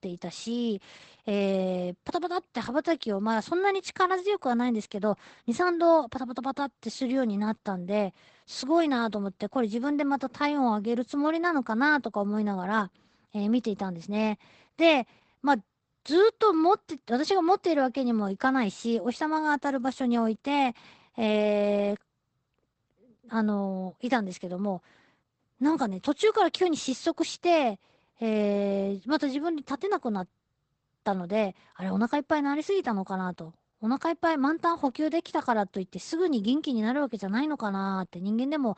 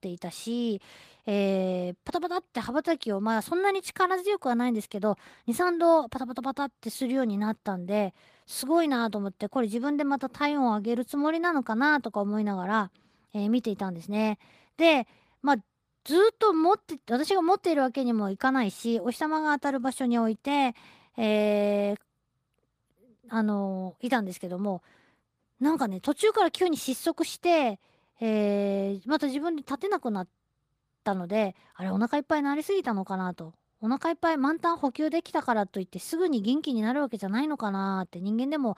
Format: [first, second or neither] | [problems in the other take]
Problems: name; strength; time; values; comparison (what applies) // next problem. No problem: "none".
second | garbled, watery; badly; nothing above 8 kHz; slightly in the second